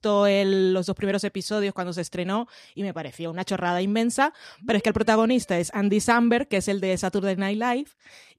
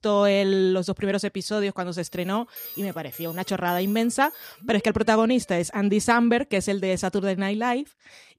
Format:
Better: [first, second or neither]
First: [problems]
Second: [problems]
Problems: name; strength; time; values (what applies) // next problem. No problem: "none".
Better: first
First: none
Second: alarm; faint; from 2 to 4.5 s; peak 10 dB below the speech